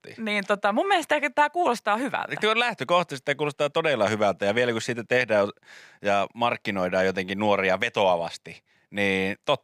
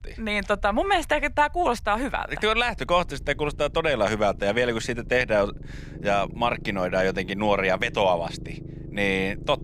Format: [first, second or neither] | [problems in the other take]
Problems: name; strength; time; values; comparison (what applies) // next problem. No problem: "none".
first | low rumble; faint; throughout; 25 dB below the speech